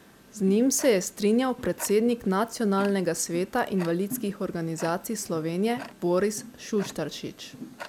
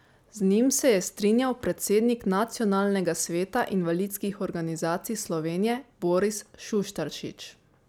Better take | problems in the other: second | background sound (Tick-tock); 18 dB below the speech

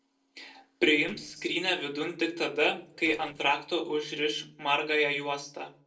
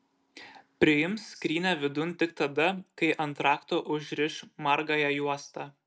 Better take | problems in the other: second | noise reduction (neural separator model SepFormer DNS4)

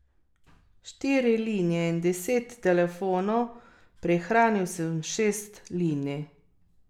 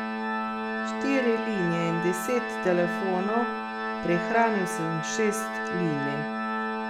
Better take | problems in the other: first | background sound (Organ); 2 dB below the speech

